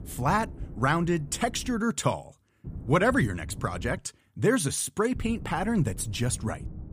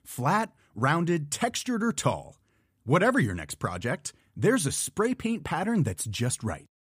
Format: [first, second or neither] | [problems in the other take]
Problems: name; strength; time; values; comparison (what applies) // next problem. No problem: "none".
second | low rumble; faint; until 2 s, from 2.5 to 4 s and from 5 s on; 25 dB below the speech